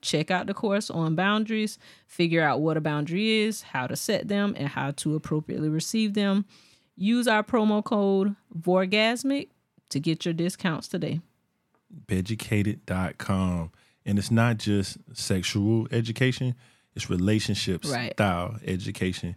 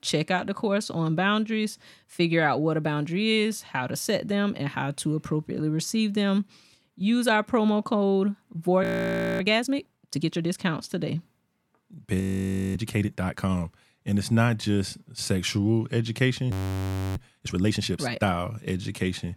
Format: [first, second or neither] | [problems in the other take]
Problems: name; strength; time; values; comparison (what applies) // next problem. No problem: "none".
first | audio freezing; at 9 s for 0.5 s, at 12 s for 0.5 s and at 17 s for 0.5 s